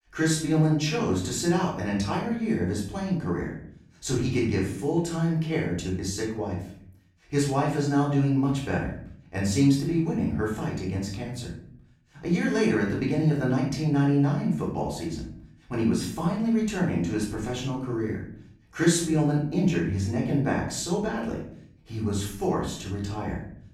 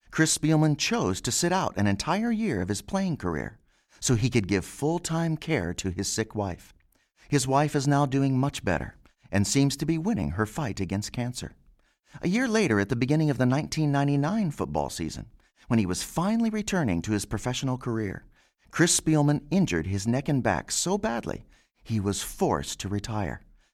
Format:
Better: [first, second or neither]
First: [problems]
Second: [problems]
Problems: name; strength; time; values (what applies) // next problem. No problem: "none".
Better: second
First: off-mic speech; far // room echo; noticeable; dies away in 0.6 s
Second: none